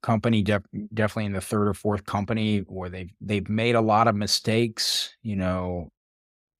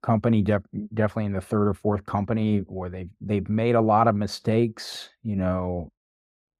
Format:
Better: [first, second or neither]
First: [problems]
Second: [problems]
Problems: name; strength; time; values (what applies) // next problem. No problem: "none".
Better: first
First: none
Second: muffled; slightly; fading above 2 kHz